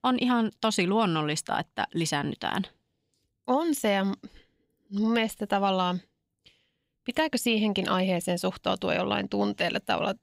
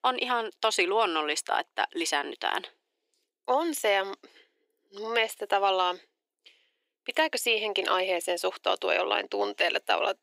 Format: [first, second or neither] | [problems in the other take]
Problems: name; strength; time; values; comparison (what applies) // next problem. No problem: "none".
first | thin; very; fading below 350 Hz